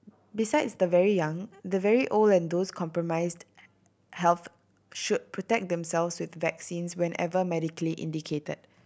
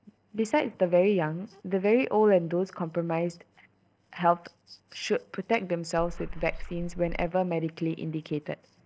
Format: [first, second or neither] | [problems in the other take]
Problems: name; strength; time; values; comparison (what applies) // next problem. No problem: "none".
first | noise reduction (neural separator model SepFormer DNS4)